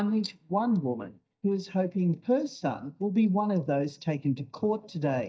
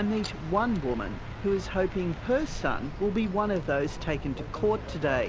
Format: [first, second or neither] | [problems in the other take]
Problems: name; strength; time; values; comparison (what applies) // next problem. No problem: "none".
second | noise reduction (neural mask model DeepFilterNet 3)